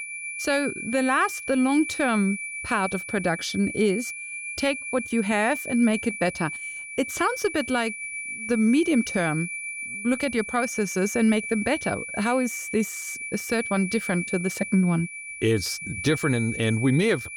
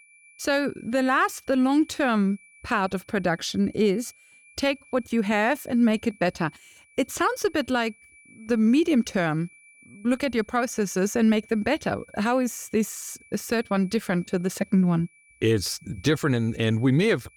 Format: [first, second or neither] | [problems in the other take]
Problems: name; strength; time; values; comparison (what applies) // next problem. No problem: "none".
second | high-pitched whine; loud; throughout; 2.5 kHz, 7 dB below the speech; faint in the second